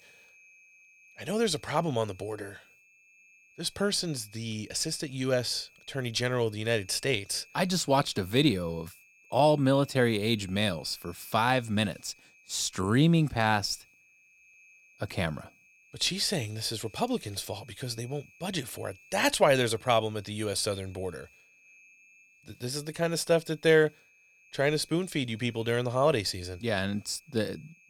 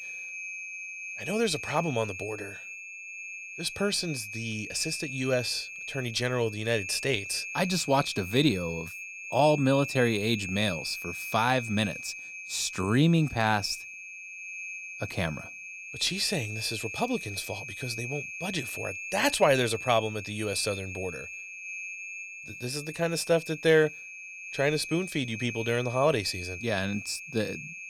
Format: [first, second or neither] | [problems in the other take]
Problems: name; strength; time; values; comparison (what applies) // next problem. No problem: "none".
first | high-pitched whine; loud; throughout; 2.5 kHz, 9 dB below the speech; faint in the first